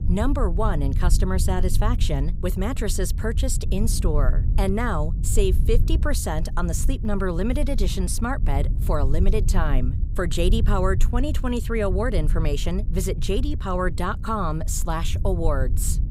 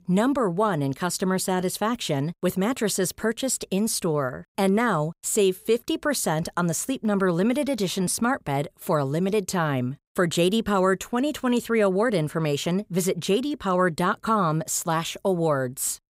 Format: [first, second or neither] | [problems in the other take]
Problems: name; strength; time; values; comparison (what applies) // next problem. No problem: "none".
second | low rumble; noticeable; throughout; 15 dB below the speech